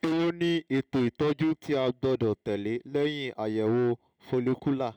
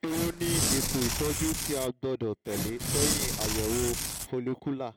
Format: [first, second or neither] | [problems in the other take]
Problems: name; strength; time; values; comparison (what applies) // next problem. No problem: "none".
first | background sound (Tearing); 2 dB above the speech